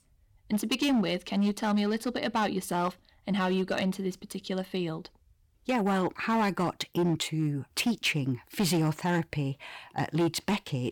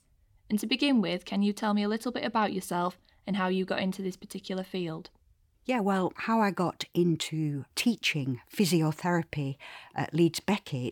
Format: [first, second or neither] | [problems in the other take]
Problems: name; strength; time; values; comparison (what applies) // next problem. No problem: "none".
second | distortion; slight; 8% of the sound clipped